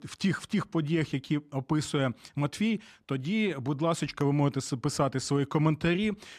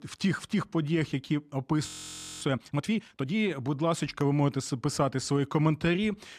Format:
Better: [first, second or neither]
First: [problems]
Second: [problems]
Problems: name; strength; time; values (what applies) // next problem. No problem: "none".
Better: first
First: none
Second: audio freezing; at 2 s for 0.5 s